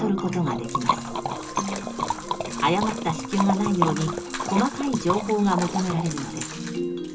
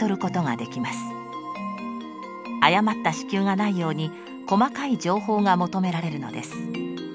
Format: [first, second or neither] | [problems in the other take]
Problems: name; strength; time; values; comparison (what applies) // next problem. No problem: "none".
second | background sound (Liquid); 5 dB below the speech // room echo; dies away in 0.2 s